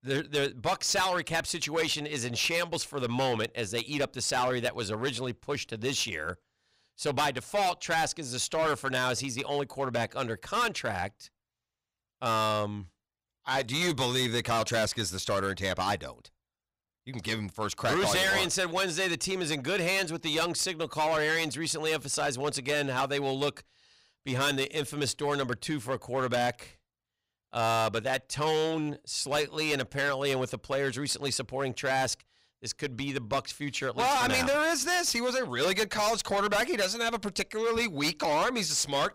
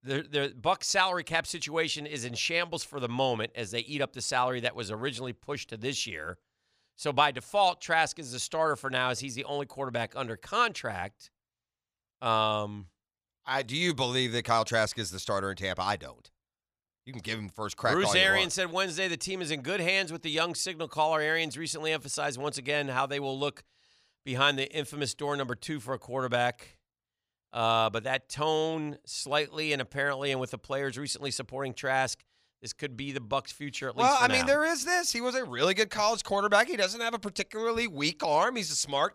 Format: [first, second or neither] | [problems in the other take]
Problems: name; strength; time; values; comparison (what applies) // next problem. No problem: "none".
second | distortion; heavy; 10% of the sound clipped